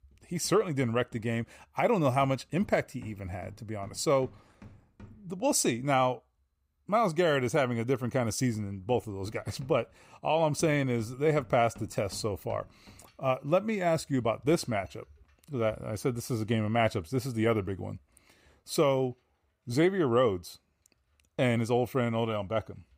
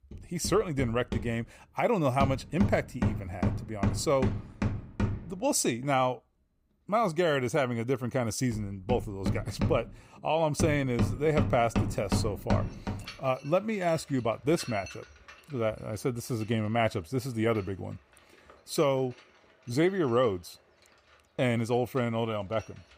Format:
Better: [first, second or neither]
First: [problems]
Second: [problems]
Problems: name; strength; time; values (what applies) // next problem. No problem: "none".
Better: first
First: machinery noise; faint; throughout; 25 dB below the speech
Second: machinery noise; loud; throughout; 4 dB below the speech